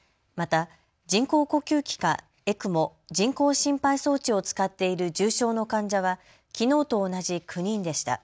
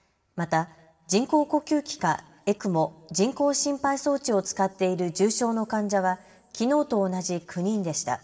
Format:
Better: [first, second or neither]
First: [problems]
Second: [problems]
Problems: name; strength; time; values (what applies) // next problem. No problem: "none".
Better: first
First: none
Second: room echo; dies away in 1 s